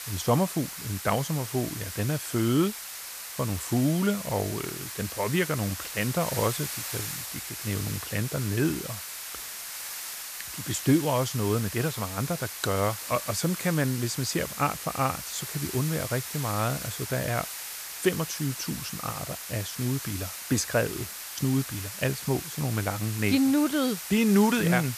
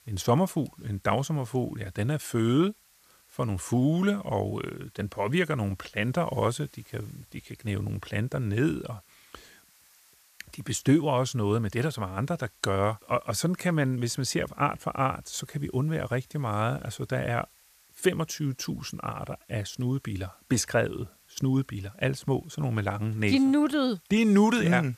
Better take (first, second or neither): second